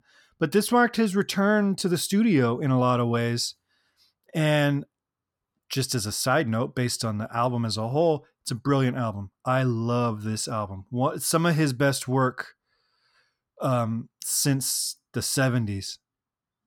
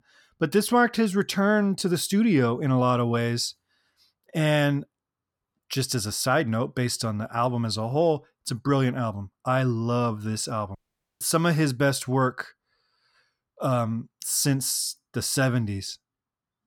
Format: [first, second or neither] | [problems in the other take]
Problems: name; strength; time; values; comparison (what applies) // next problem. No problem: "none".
first | audio cutting out; at 11 s